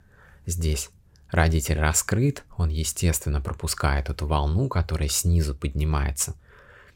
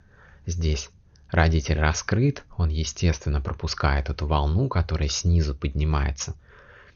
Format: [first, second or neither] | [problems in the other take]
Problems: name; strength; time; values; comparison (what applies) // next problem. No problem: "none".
first | garbled, watery; slightly; nothing above 6.5 kHz